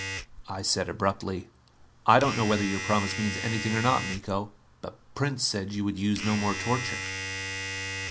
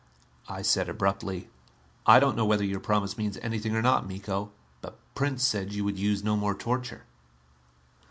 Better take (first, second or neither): second